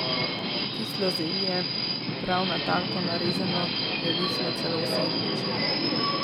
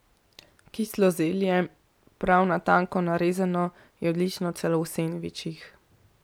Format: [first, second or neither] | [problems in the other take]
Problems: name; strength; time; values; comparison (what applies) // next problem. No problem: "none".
second | background sound (Subway, metro, underground); 5 dB above the speech